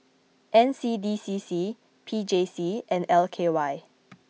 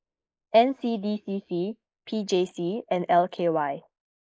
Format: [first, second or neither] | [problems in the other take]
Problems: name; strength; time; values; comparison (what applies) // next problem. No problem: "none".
first | noise reduction (neural mask model Resemble Enhance denoiser)